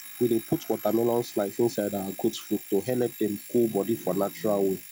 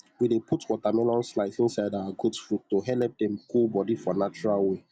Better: second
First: background sound (Alarm); 16 dB below the speech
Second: none

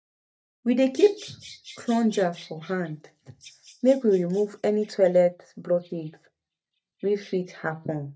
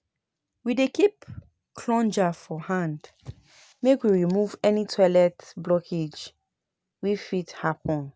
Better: second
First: noise reduction (neural mask model DeepFilterNet 3)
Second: none

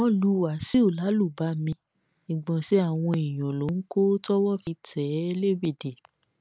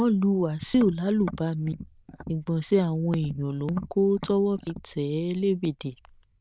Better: first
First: none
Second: noise reduction (neural diffusion model UNIVERSE++)

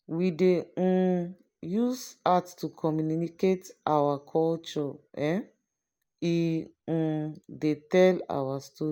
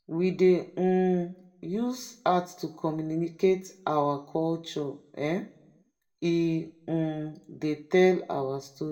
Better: first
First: none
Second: room echo; dies away in 0.3 s

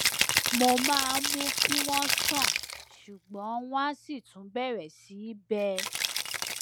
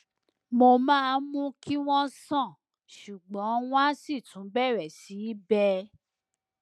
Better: second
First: background sound (Rattle (instrument)); 2 dB above the speech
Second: none

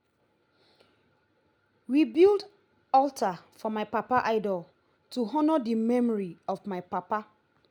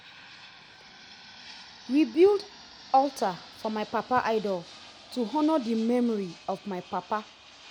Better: first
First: none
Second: background sound (Fixed-wing aircraft, airplane); 20 dB below the speech

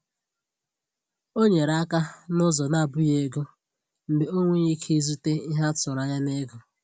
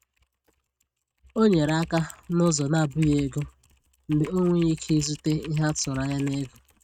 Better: first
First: none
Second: noise reduction (neural mask model RNNoise)

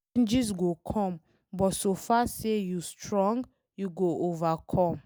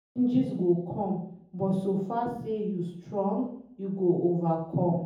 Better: first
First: none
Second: room echo; dies away in 0.7 s

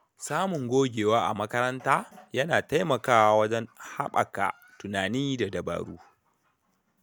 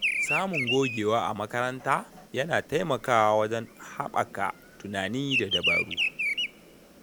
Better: first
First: none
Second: background sound (Bird vocalization, bird call, bird song); 4 dB below the speech

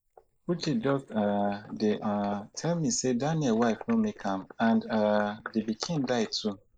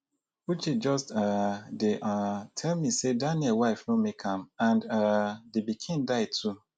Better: second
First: noise reduction (neural mask model Resemble Enhance denoiser)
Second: none

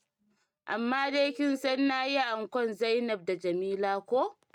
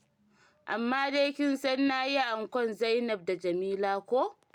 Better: second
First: noise reduction (neural mask model RNNoise)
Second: none

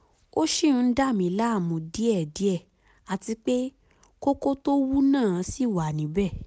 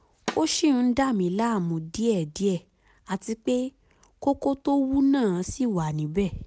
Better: first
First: none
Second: background sound (Snare drum); 14 dB below the speech

